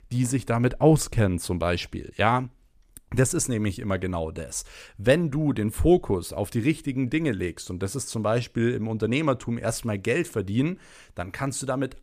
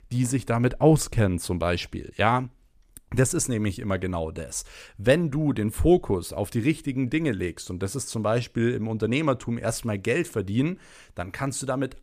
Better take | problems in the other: neither | none

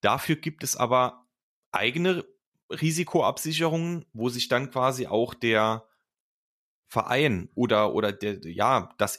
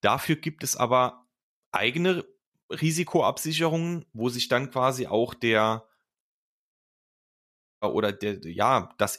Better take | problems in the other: first | audio cutting out; at 6.5 s for 1 s

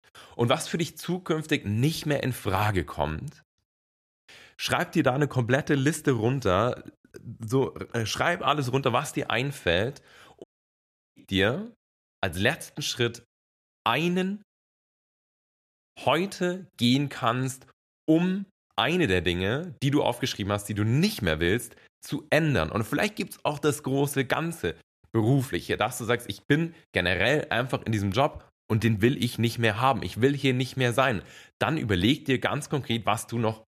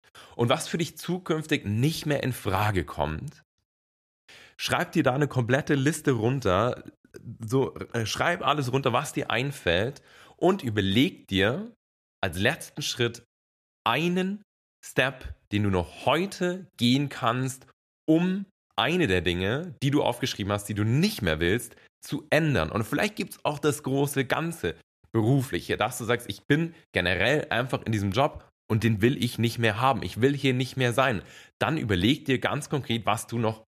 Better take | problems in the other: second | audio cutting out; at 10 s for 0.5 s and at 15 s for 1.5 s

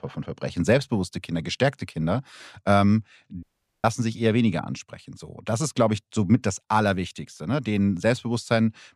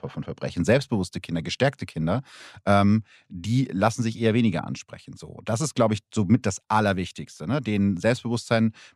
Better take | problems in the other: second | audio cutting out; at 3.5 s

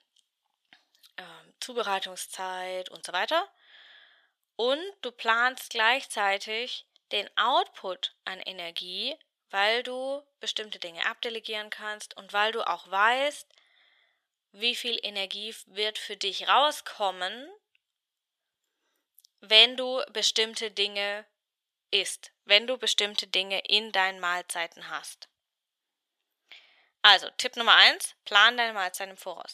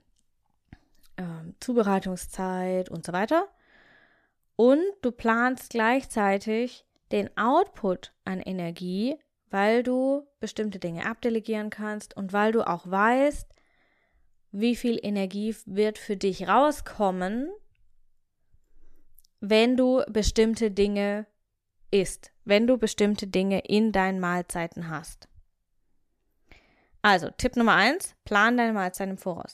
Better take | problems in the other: second | thin; very; fading below 750 Hz

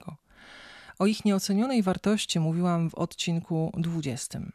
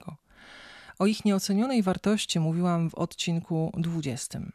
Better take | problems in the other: neither | none

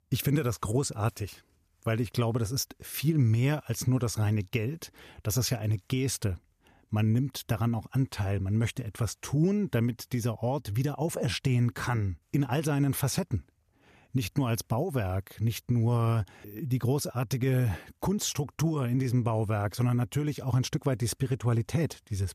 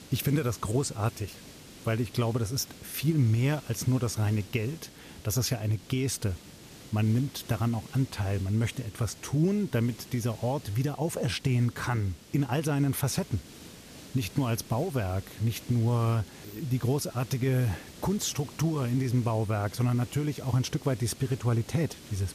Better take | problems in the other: first | hiss; noticeable; throughout; 20 dB below the speech

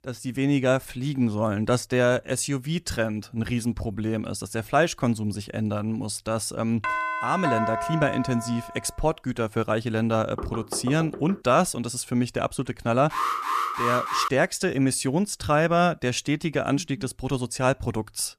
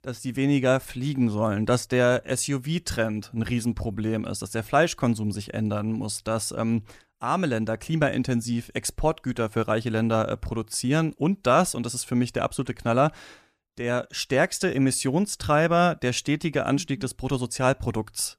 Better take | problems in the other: second | doorbell; noticeable; from 7 to 9 s; peak 1 dB below the speech // door banging; noticeable; from 10 to 11 s; peak 10 dB below the speech // alarm; loud; from 13 to 14 s; peak level with the speech

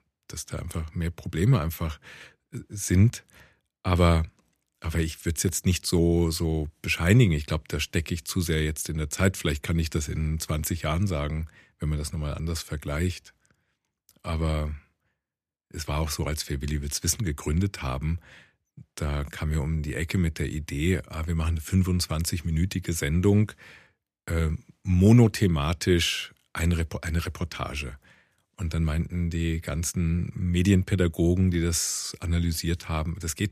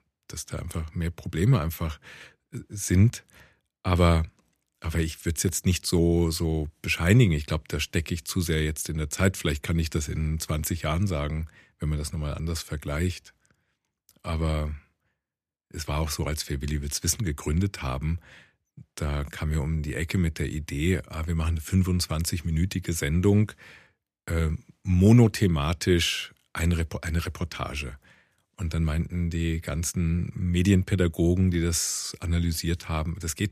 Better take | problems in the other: neither | none

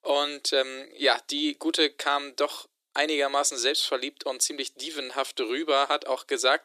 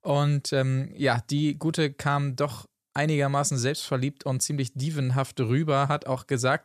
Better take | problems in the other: second | thin; very; fading below 300 Hz

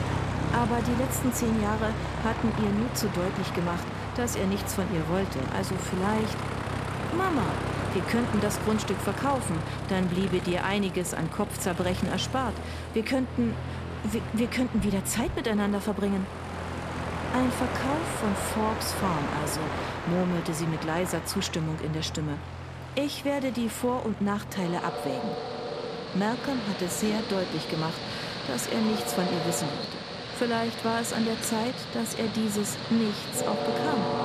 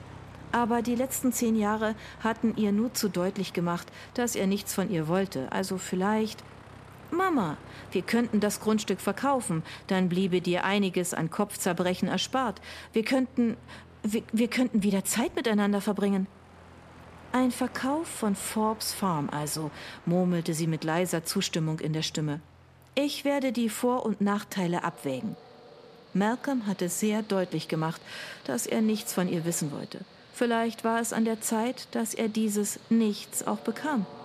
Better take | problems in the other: second | train or aircraft noise; loud; throughout; 4 dB below the speech; faint in the second

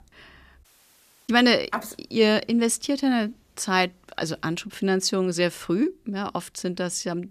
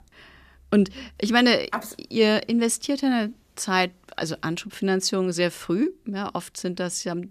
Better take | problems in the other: second | audio cutting out; at 0.5 s for 0.5 s

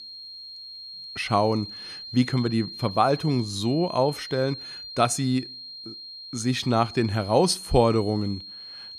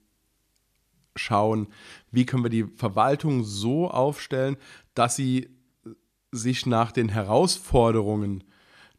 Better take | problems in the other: second | high-pitched whine; noticeable; throughout; 4 kHz, 15 dB below the speech

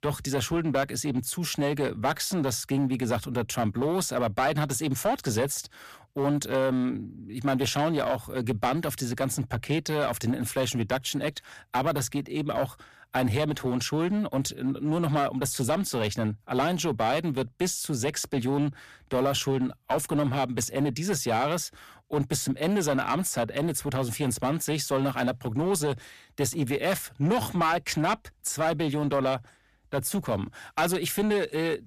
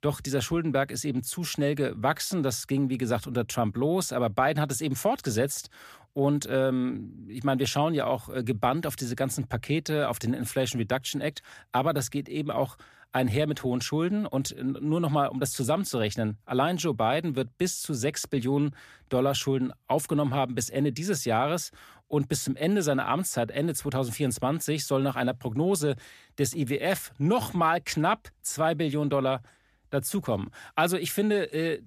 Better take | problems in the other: second | distortion; slight; 7% of the sound clipped

